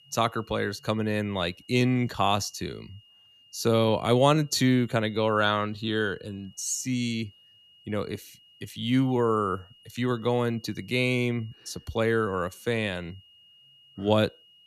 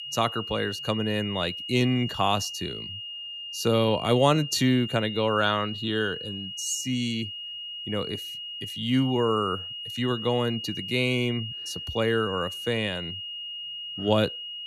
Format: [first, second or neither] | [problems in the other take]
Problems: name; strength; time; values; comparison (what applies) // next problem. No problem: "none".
first | high-pitched whine; loud; throughout; 3 kHz, 7 dB below the speech; faint in the first